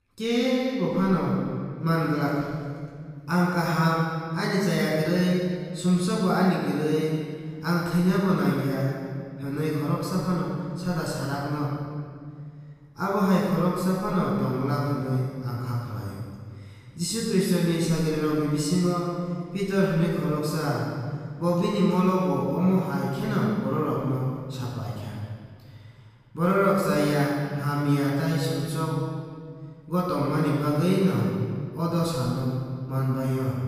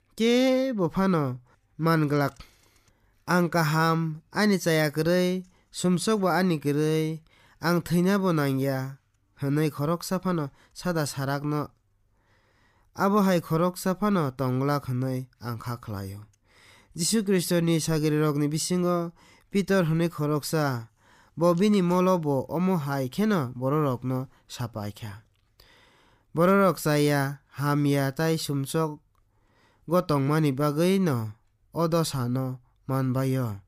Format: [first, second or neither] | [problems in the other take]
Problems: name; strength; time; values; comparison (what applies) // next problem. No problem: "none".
second | off-mic speech; far // room echo; strong; dies away in 1.8 s